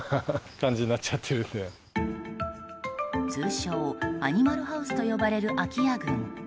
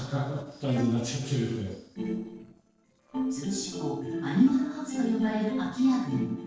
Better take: first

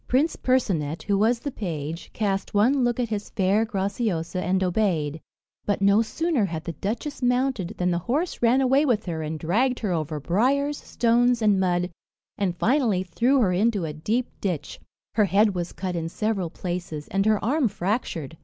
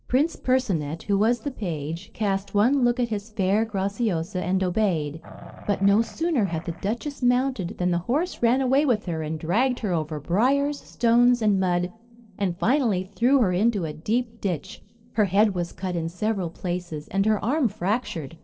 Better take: first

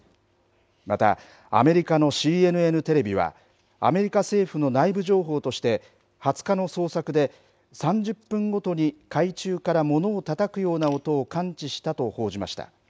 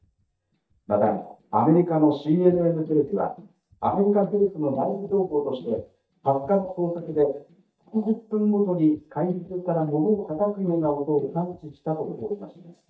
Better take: first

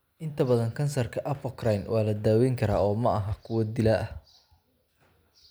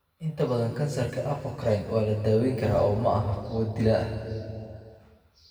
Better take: first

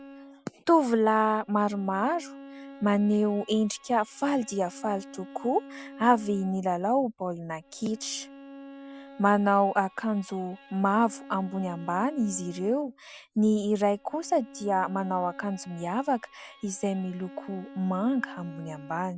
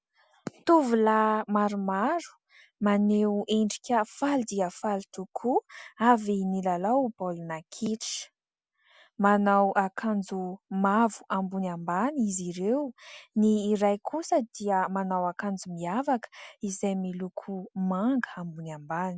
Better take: second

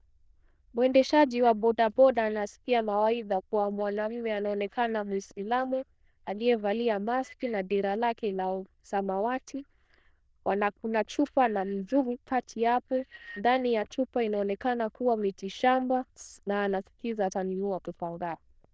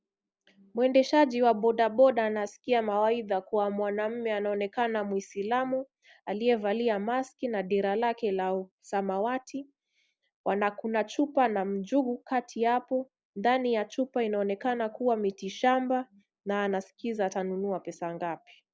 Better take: second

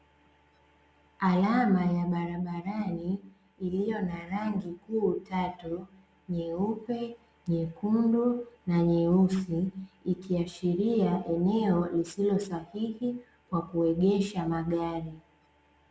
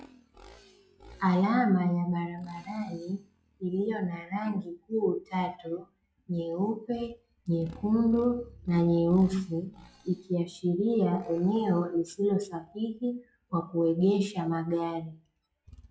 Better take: first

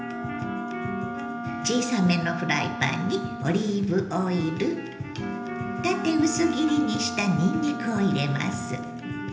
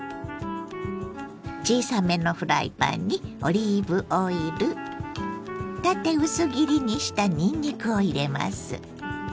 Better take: second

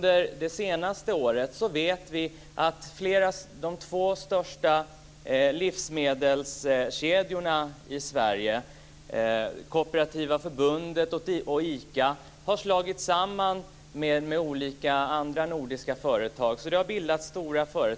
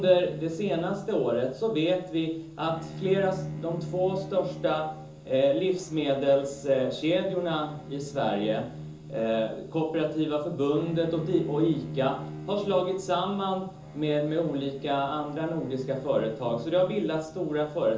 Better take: first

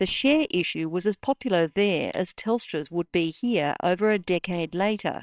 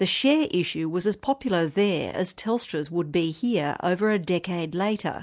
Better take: second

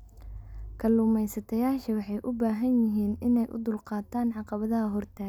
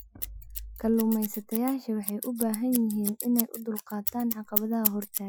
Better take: first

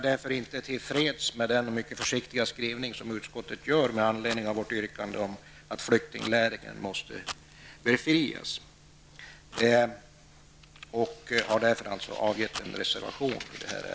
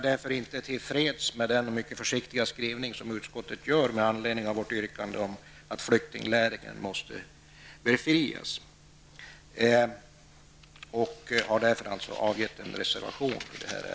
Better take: second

